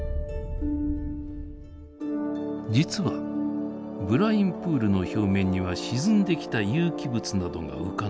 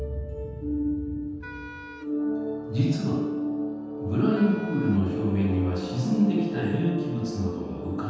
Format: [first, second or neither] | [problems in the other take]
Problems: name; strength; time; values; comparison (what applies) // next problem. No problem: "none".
first | background sound (Wind instrument, woodwind instrument); 18 dB below the speech // room echo; dies away in 1.2 s